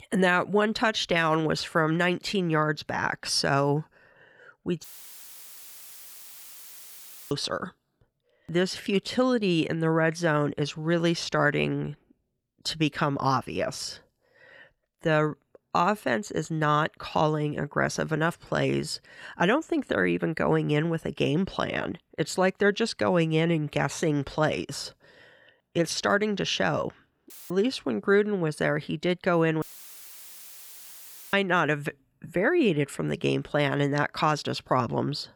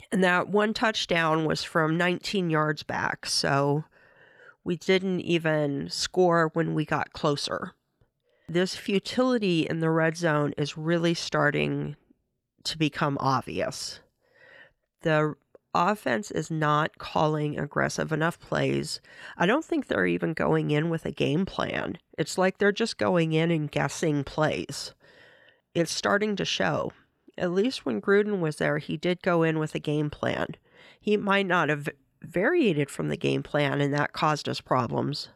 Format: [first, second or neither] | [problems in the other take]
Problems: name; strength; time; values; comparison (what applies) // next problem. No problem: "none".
second | audio cutting out; filled with static; at 5 s for 2.5 s, at 27 s and at 30 s for 1.5 s